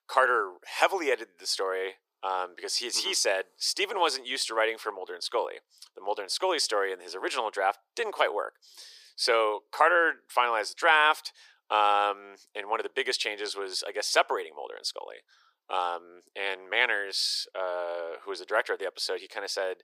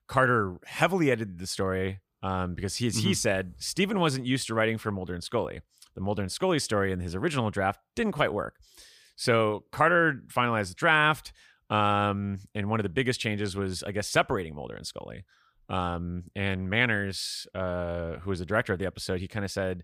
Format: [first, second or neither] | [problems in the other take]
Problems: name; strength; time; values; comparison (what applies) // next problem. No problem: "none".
second | thin; very; fading below 400 Hz